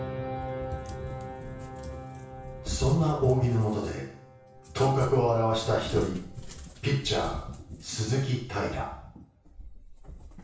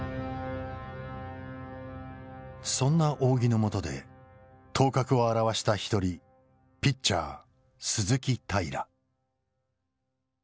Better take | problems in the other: second | background sound (Cat); 11 dB below the speech // room echo; dies away in 0.6 s

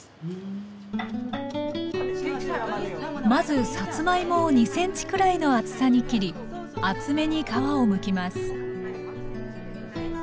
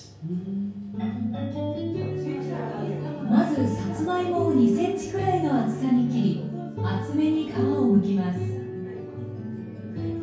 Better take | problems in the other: first | room echo; dies away in 0.6 s

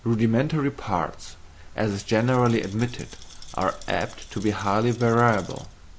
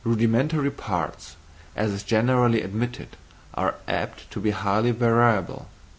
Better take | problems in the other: second | background sound (Walk, footsteps + Rattle); 18 dB below the speech

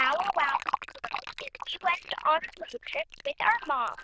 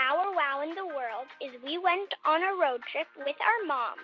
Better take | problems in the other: second | noise reduction (neural diffusion model UNIVERSE++)

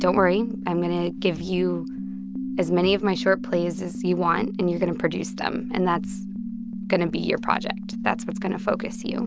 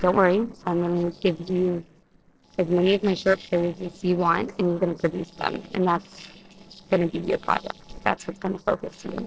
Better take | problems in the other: first | noise reduction (neural separator model SepFormer DNS4)

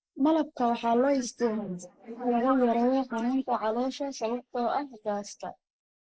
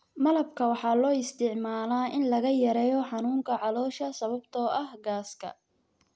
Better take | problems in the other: second | noise reduction (neural mask model Resemble Enhance denoiser)

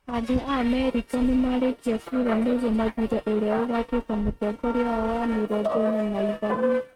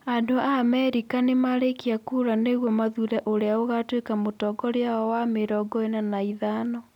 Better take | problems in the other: second | noise reduction (neural mask model RNNoise)

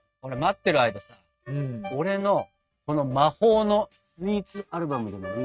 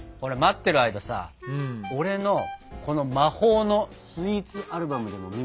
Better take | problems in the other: second | noise reduction (neural mask model RNNoise)

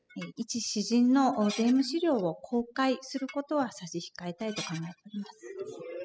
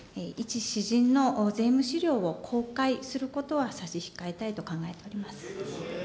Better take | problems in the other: second | noise reduction (classical method spectral subtraction)

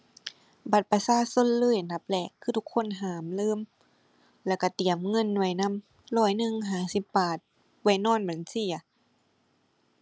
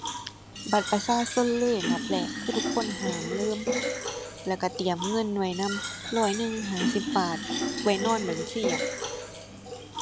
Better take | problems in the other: first | background sound (Fill (with liquid)); 3 dB below the speech

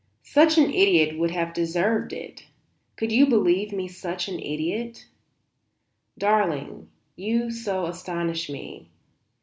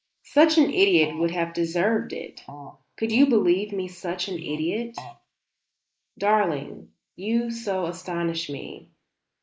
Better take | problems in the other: first | noise reduction (neural mask model Resemble Enhance denoiser)

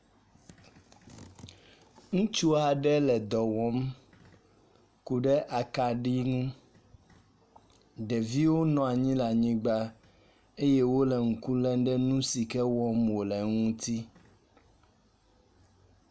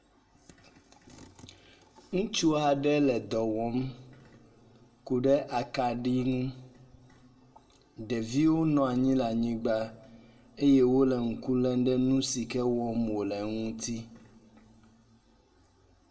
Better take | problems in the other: first | room echo; dies away in 0.7 s

